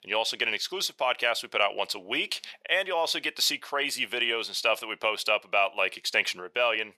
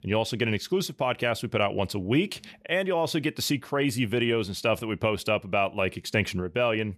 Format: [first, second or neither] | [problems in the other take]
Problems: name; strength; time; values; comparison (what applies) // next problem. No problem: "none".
second | thin; very; fading below 750 Hz